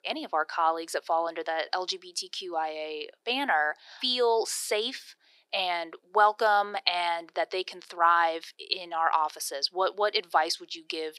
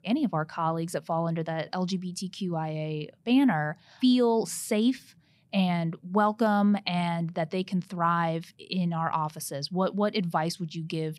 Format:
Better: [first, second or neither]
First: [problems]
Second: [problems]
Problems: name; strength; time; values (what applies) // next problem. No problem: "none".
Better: second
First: thin; very; fading below 350 Hz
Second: none